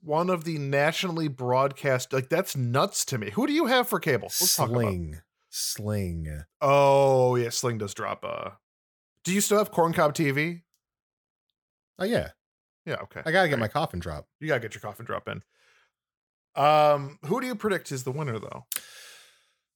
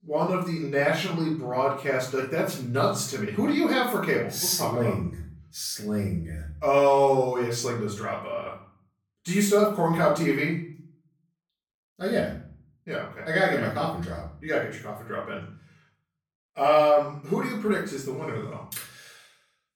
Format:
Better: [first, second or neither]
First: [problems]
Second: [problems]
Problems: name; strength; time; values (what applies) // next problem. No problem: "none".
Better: first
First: none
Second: off-mic speech; far // room echo; noticeable; dies away in 0.5 s